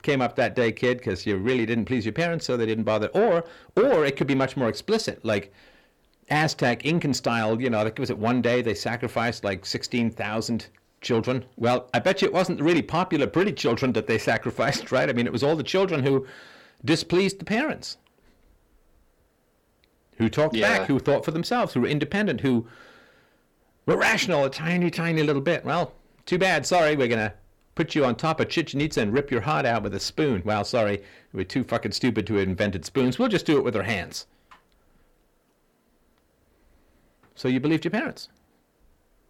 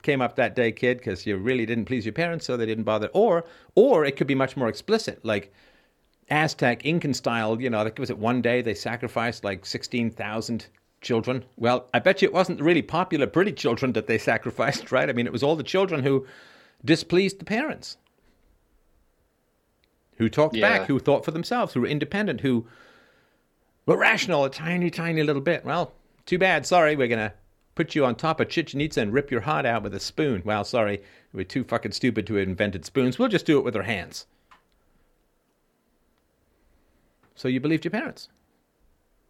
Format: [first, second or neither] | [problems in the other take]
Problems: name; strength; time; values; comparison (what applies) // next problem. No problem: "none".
second | distortion; slight; 10 dB below the speech